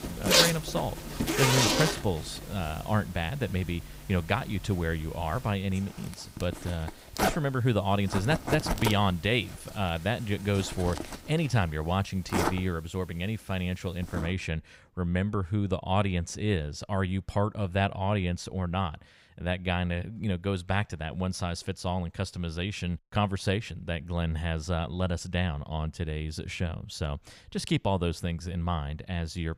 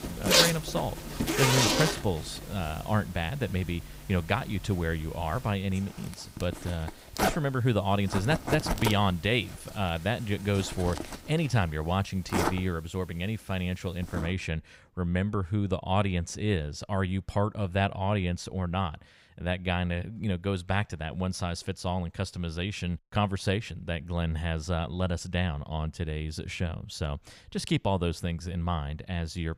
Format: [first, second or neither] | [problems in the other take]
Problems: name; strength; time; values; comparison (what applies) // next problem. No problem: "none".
neither | household noises; very loud; until 14 s; 1 dB above the speech; the same in both